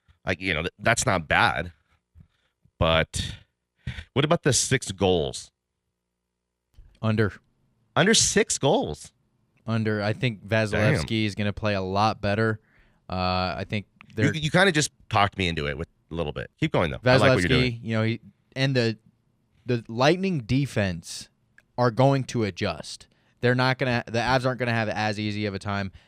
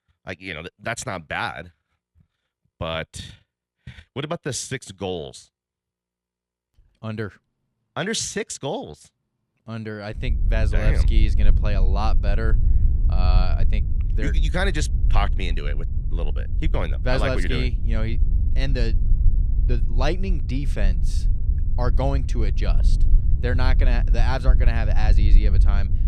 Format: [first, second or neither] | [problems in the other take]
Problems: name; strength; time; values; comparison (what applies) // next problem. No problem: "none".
first | low rumble; noticeable; from 10 s on; 15 dB below the speech